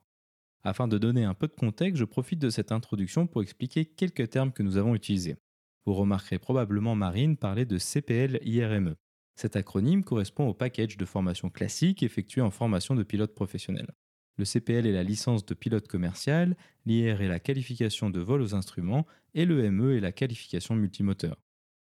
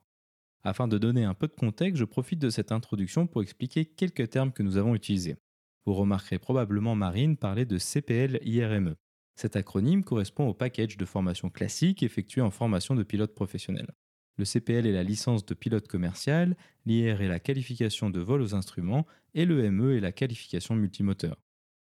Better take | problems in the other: neither | none

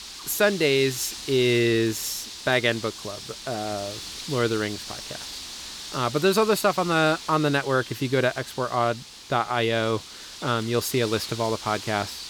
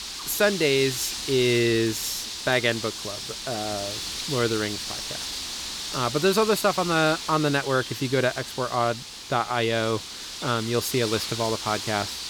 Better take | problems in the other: first | wind noise on the microphone; heavy; 7 dB below the speech; occasional gusts in the first

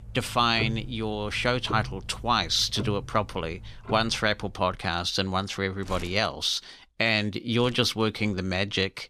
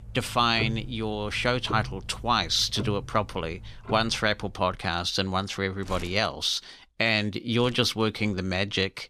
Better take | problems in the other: neither | household noises; noticeable; throughout; 15 dB below the speech; the same in both

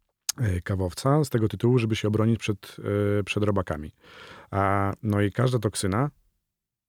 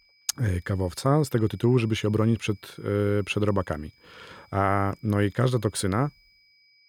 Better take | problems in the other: first | high-pitched whine; faint; throughout; 2.5 kHz, 30 dB below the speech

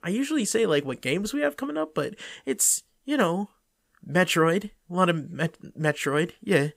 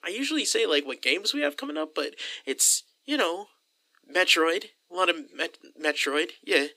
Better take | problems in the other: first | thin; very slightly; fading below 300 Hz

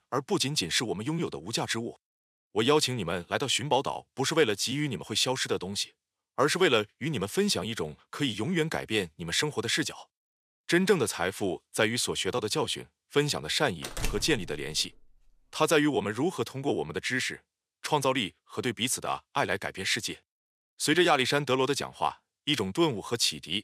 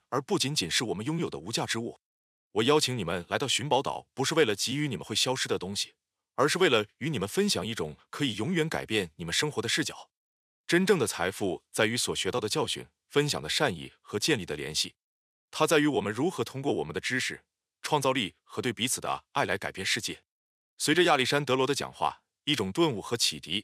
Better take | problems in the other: second | door banging; noticeable; at 14 s; peak 7 dB below the speech

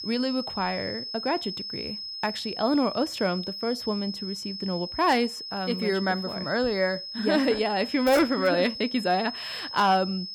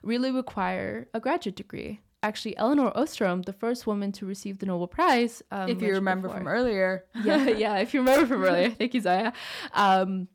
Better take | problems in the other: second | high-pitched whine; loud; throughout; 5 kHz, 8 dB below the speech

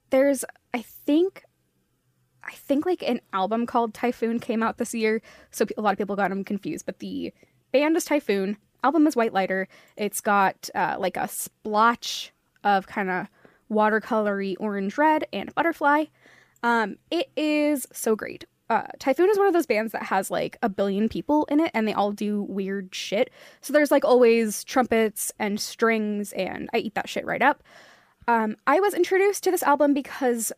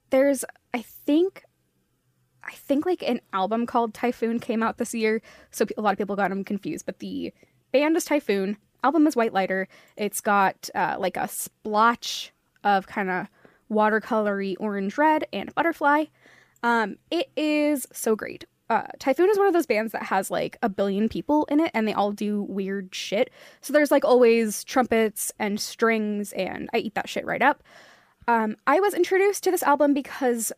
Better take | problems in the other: neither | none

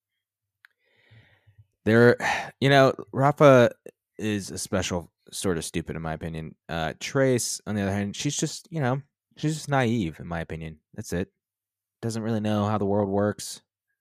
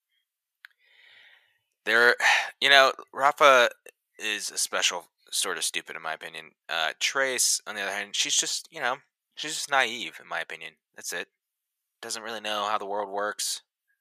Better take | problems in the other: first | thin; very; fading below 1 kHz

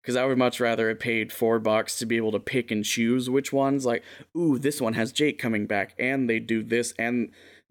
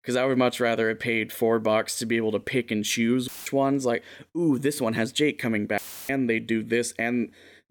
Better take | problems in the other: first | audio cutting out; filled with static; at 3.5 s and at 6 s

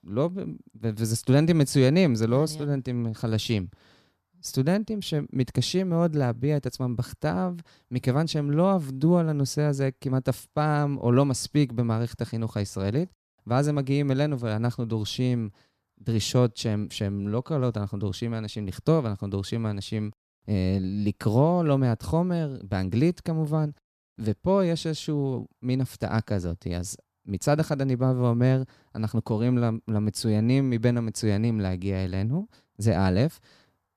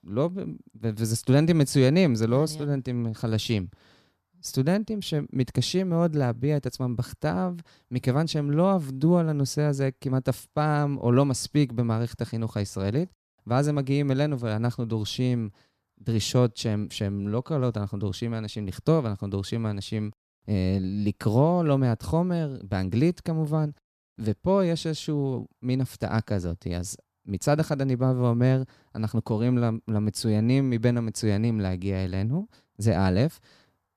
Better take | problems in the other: neither | none

